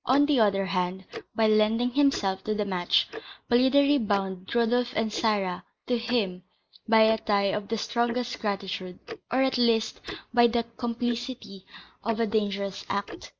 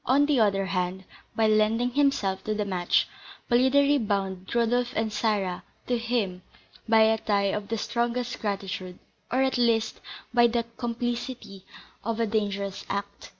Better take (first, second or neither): second